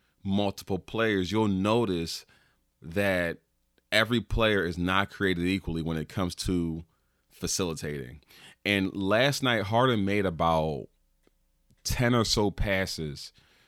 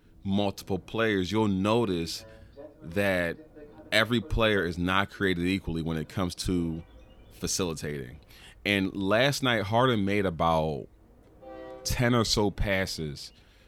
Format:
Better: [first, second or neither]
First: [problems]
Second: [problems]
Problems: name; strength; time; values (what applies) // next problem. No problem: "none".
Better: first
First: none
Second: train or aircraft noise; faint; throughout; 25 dB below the speech